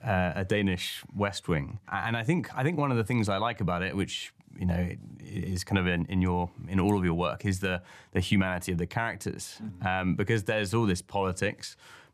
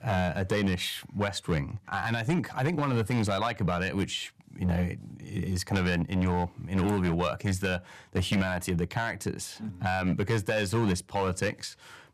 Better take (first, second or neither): first